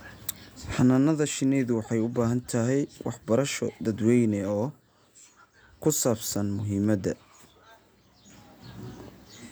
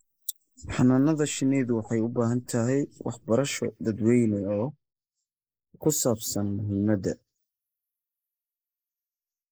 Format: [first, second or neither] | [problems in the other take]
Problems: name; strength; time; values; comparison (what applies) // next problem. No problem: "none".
first | noise reduction (neural mask model Resemble Enhance denoiser)